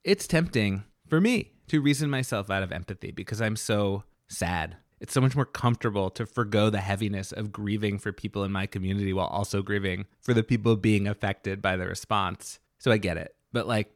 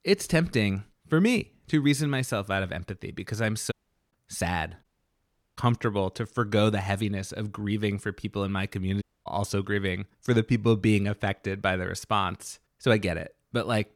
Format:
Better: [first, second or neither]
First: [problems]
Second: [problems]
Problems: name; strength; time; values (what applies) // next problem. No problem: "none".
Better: first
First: none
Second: audio cutting out; at 3.5 s, at 5 s for 0.5 s and at 9 s